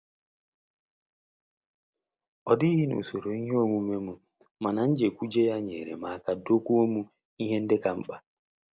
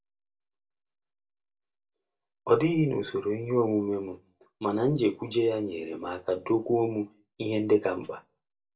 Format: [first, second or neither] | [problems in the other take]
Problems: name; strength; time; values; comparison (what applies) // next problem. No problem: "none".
first | room echo; dies away in 0.2 s